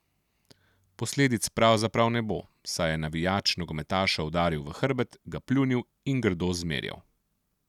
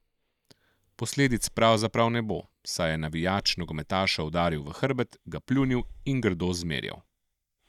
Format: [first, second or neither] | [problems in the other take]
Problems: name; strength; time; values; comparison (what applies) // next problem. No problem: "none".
first | noise reduction (neural mask model DeepFilterNet 3)